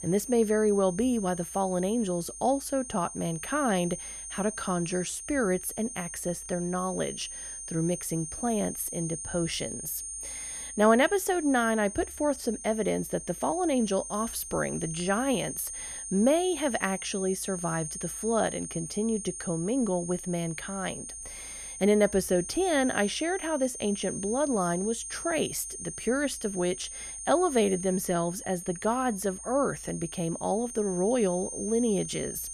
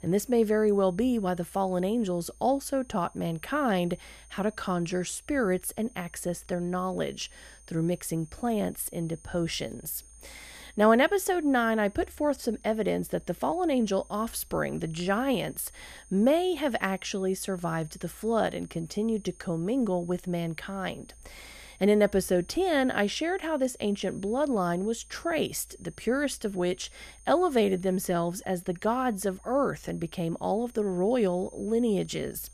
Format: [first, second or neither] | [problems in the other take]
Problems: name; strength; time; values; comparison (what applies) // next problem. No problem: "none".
second | high-pitched whine; loud; throughout; 9 kHz, 8 dB below the speech; faint in the second